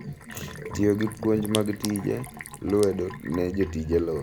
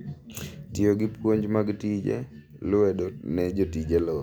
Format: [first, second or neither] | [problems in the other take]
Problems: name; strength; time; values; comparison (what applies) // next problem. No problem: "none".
second | background sound (Sink (filling or washing)); 14 dB below the speech